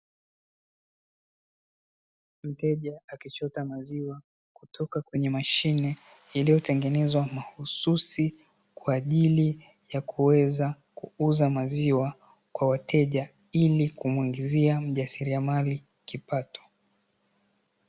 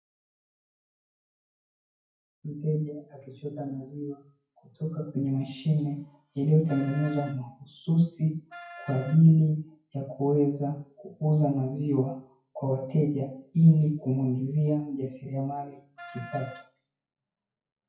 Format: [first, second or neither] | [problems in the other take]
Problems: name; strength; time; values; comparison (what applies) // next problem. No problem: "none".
first | noise reduction (classical method WPE with log-MMSE)